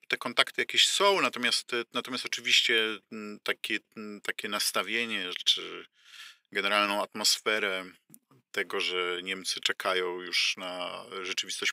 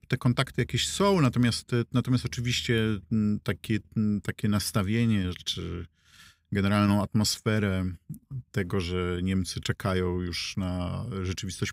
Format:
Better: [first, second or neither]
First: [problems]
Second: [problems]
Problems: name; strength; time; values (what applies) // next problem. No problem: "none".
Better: second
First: thin; very; fading below 400 Hz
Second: none